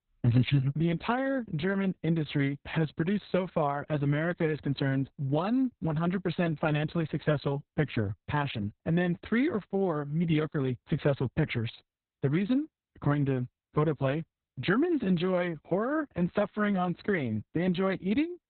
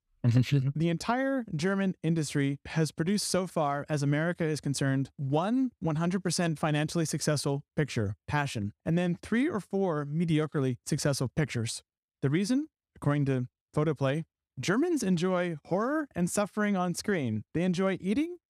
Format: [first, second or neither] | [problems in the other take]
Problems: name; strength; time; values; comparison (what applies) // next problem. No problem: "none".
second | garbled, watery; badly; nothing above 4 kHz